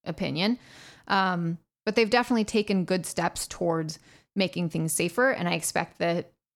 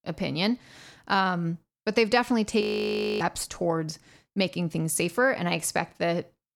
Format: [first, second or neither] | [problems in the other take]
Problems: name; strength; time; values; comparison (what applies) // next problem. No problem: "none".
first | audio freezing; at 2.5 s for 0.5 s